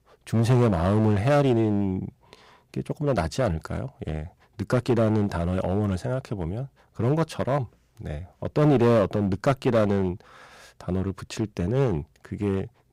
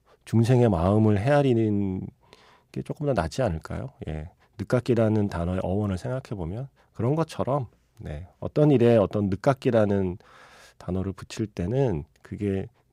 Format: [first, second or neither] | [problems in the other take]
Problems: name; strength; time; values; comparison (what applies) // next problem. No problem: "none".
second | distortion; slight; 5% of the sound clipped